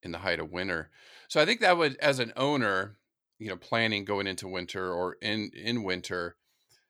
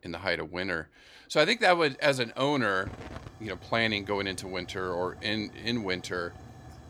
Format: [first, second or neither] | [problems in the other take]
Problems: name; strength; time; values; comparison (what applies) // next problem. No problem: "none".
first | hiss; noticeable; throughout; 20 dB below the speech